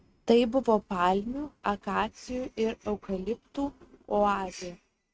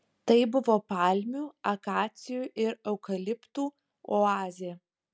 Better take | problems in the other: second | noise reduction (neural mask model RNNoise)

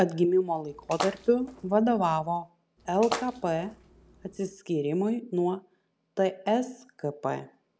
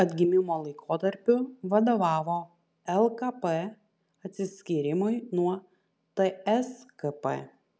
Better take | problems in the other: second | background sound (Splash, splatter); 12 dB below the speech

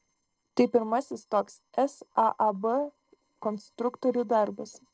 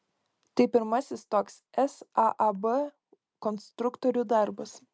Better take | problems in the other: second | noise reduction (neural separator model SepFormer DNS4)

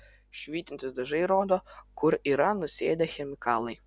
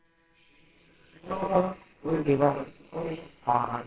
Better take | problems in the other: first | noise reduction (neural separator model SepFormer WHAMR!)

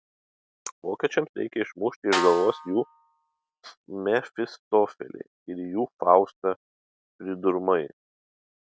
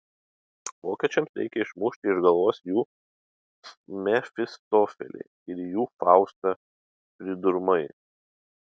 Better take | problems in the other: second | background sound (Snare drum); 6 dB below the speech

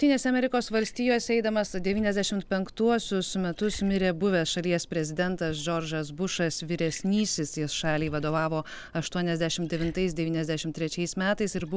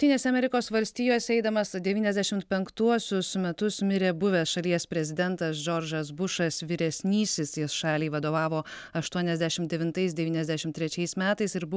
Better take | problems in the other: second | background sound (Liquid); 16 dB below the speech

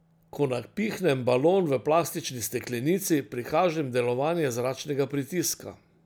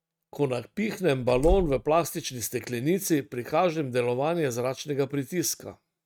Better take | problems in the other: first | noise reduction (neural mask model RNNoise)

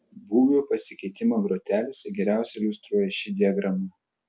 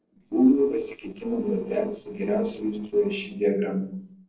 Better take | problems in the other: first | noise reduction (neural separator model SepFormer DNS4)

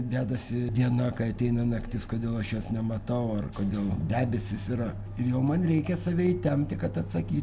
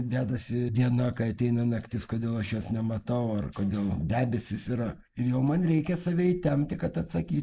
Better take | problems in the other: first | noise reduction (neural mask model Resemble Enhance denoiser)

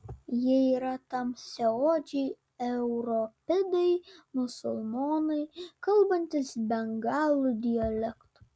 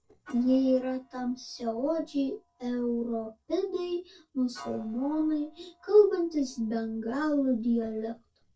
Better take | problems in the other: first | noise reduction (neural separator model SepFormer DNS4)

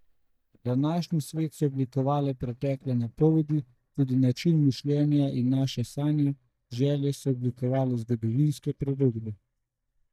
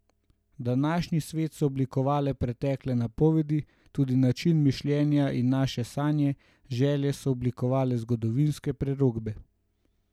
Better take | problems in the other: second | noise reduction (neural mask model DeepFilterNet 3)

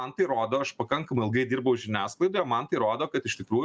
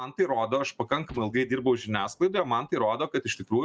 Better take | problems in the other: first | noise reduction (neural mask model DeepFilterNet 3)

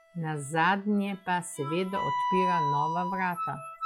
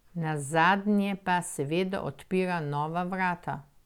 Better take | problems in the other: second | noise reduction (classical method log-MMSE)

